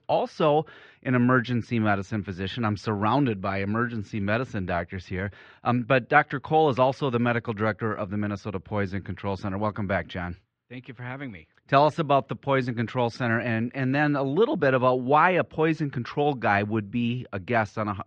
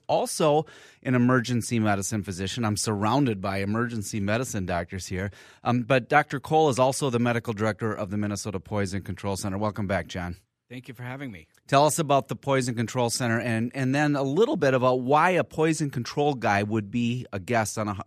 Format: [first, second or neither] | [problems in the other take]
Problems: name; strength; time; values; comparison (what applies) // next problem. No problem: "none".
second | muffled; slightly; fading above 4 kHz